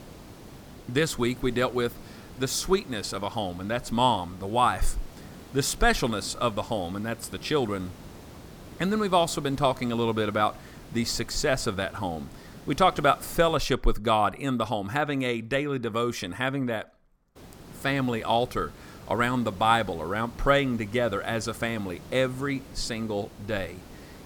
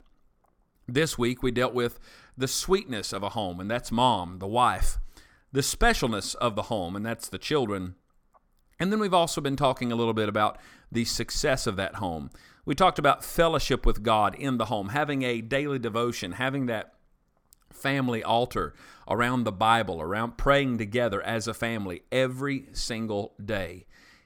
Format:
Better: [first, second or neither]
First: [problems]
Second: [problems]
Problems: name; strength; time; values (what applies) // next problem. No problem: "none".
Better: second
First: hiss; noticeable; until 14 s and from 17 s on; 20 dB below the speech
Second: none